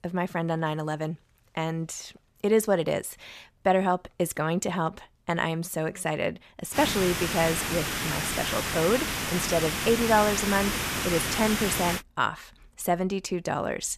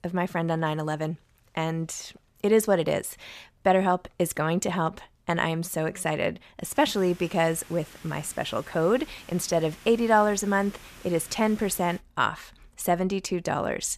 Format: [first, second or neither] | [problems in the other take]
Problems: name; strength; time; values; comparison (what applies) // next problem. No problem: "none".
second | hiss; loud; from 7 to 12 s; 1 dB below the speech; faint in the second